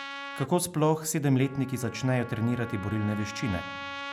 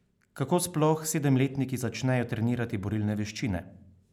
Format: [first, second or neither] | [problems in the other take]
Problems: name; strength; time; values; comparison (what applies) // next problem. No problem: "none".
second | background sound (Trumpet); 12 dB below the speech